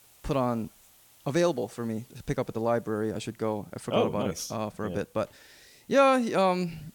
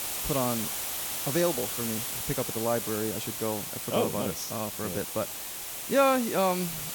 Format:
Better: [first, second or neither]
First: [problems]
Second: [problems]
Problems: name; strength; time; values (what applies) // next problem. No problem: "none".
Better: first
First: hiss; faint; throughout; 30 dB below the speech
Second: hiss; loud; throughout; 2 dB below the speech